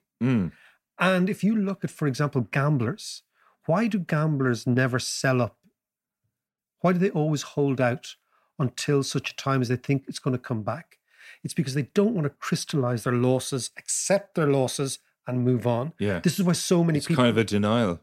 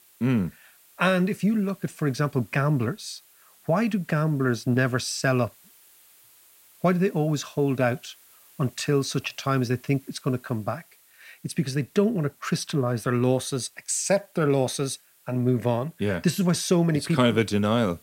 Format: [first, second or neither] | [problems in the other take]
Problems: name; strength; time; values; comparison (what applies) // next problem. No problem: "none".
first | hiss; faint; throughout; 30 dB below the speech